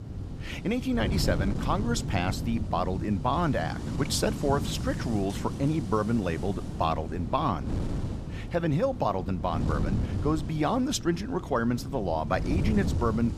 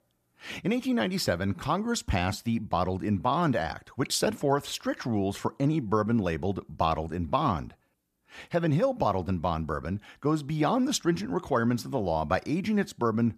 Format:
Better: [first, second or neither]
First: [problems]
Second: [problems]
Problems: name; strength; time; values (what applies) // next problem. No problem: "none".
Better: second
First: wind noise on the microphone; occasional gusts; 10 dB below the speech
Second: none